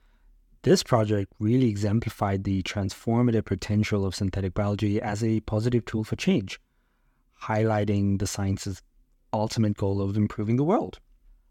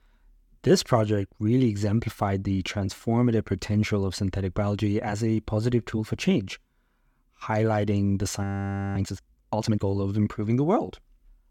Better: first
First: none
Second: audio freezing; at 8.5 s for 0.5 s

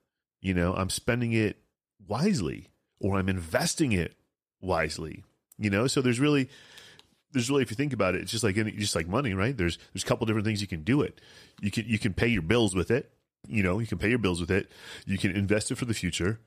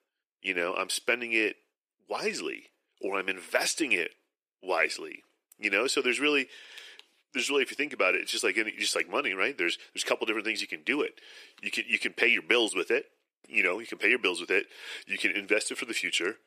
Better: first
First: none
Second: thin; somewhat; fading below 350 Hz

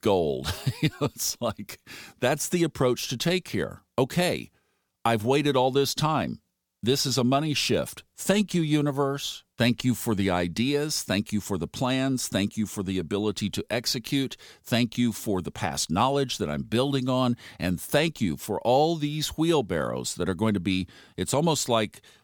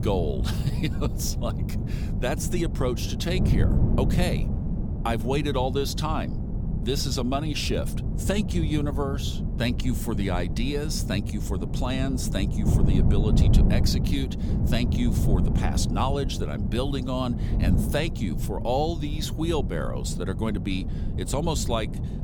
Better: first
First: none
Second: wind noise on the microphone; heavy; 7 dB below the speech

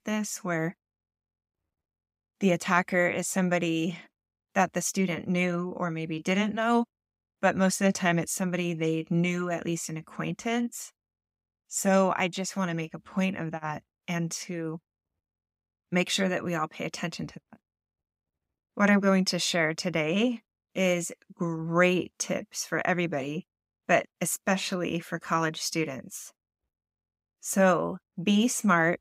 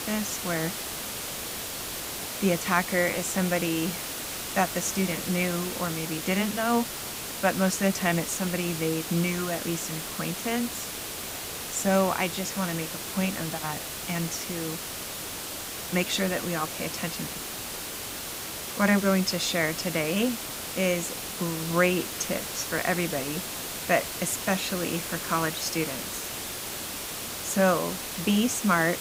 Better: first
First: none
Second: hiss; loud; throughout; 5 dB below the speech

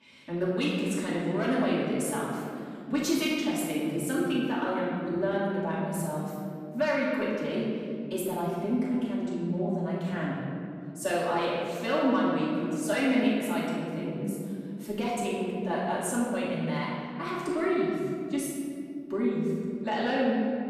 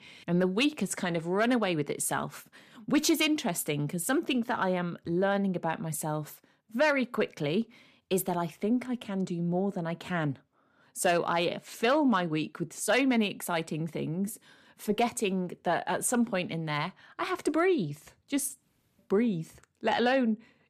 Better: second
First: off-mic speech; far // room echo; strong; dies away in 2.4 s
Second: none

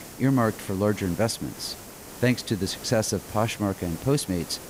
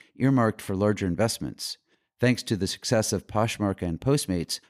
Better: second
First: hiss; noticeable; throughout; 15 dB below the speech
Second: none

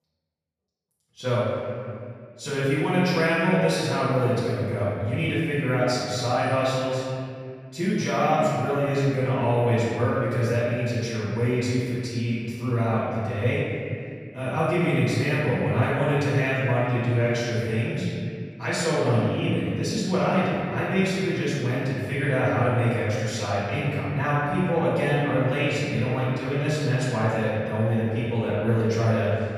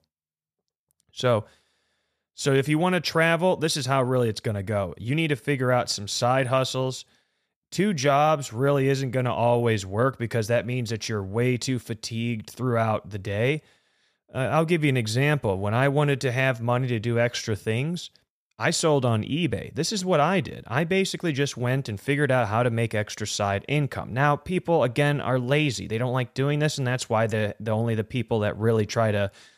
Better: second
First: room echo; strong; dies away in 2.4 s // off-mic speech; far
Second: none

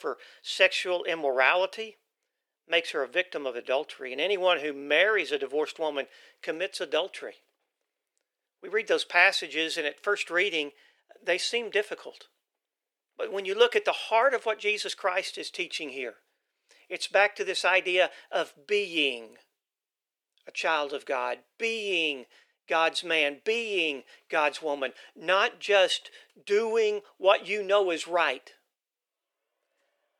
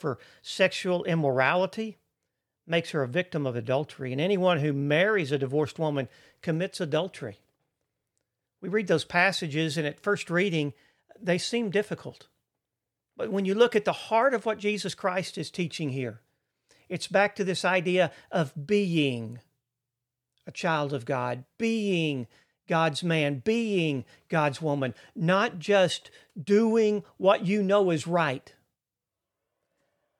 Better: second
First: thin; very; fading below 350 Hz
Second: none

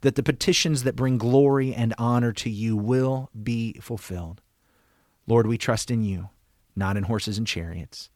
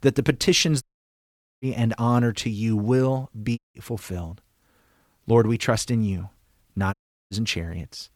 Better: first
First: none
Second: audio cutting out; at 1 s for 1 s, at 3.5 s and at 7 s

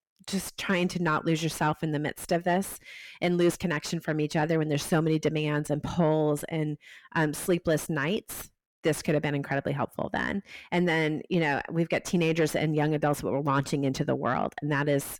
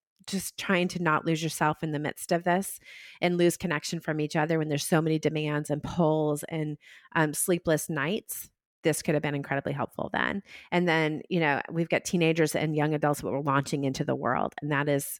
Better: second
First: distortion; slight; 10 dB below the speech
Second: none

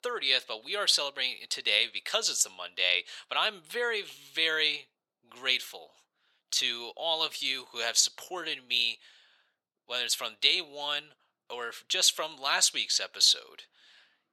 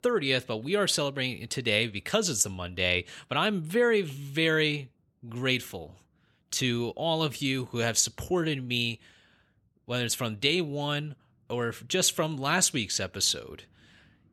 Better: second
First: thin; very; fading below 750 Hz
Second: none

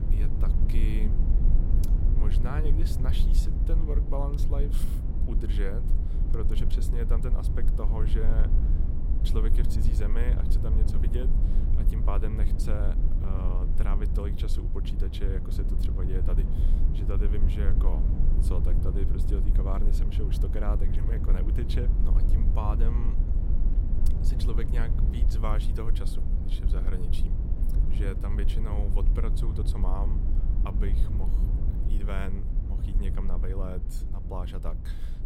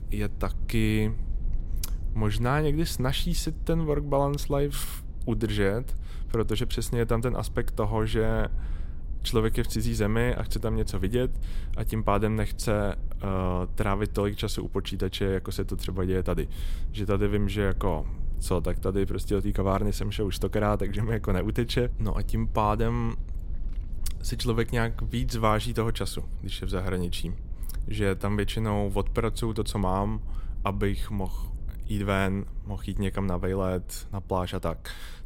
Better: second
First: low rumble; loud; throughout; 4 dB below the speech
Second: low rumble; faint; throughout; 25 dB below the speech

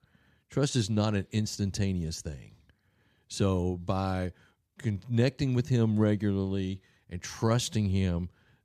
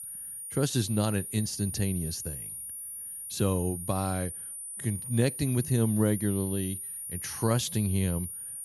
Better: first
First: none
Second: high-pitched whine; loud; throughout; 9.5 kHz, 6 dB below the speech

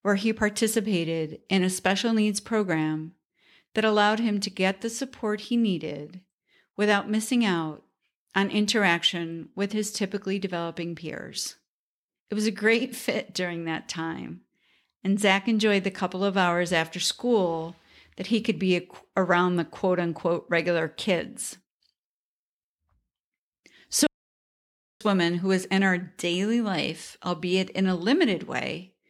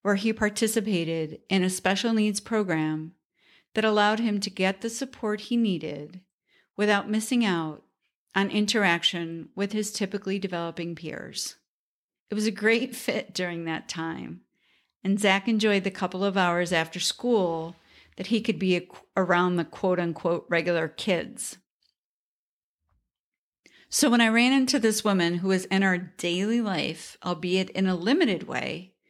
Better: second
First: audio cutting out; at 24 s for 1 s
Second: none

